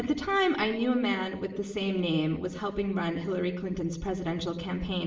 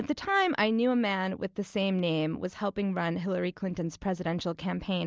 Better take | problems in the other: second | room echo; dies away in 0.8 s

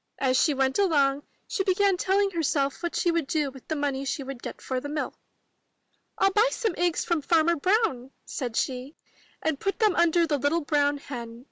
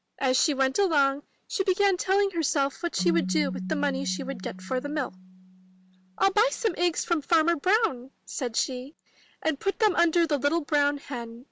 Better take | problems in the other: first | background sound (Keyboard (musical)); 14 dB below the speech

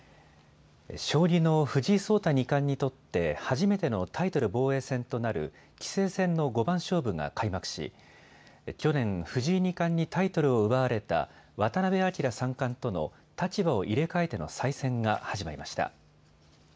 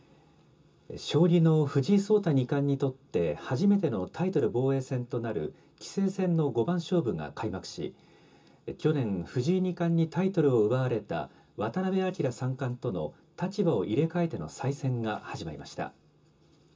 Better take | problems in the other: first | room echo; dies away in 0.2 s

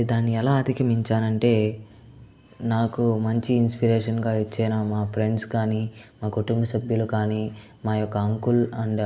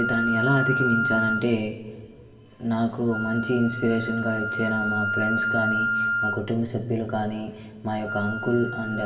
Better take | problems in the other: first | background sound (Wind instrument, woodwind instrument); 3 dB below the speech // room echo; dies away in 2 s

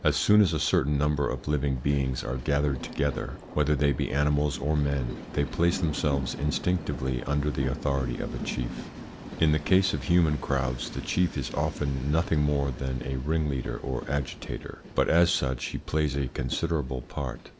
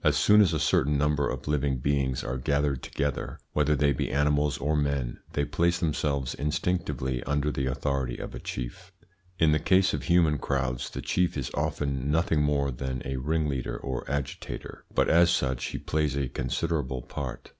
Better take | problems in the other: second | background sound (Train); 14 dB below the speech

